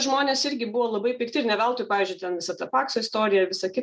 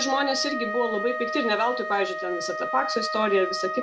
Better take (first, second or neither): first